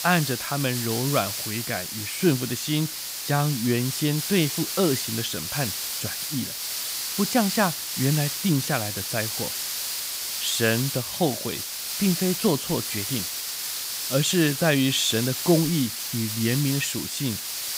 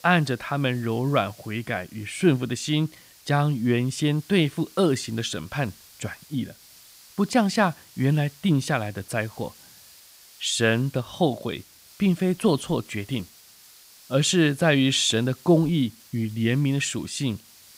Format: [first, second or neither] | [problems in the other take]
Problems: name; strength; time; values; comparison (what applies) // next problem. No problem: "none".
second | hiss; loud; throughout; 3 dB below the speech; faint in the second